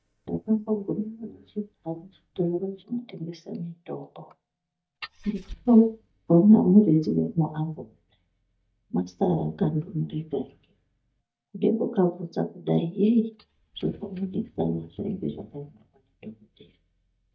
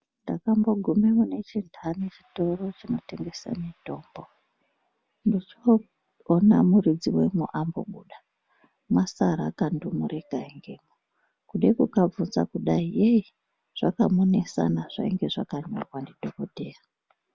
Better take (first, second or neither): second